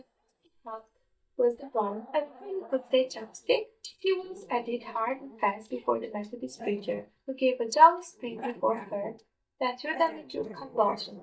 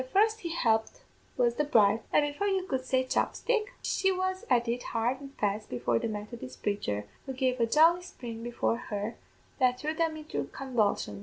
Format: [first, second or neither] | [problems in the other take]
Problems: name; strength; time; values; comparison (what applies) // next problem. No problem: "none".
second | noise reduction (neural mask model DeepFilterNet 3)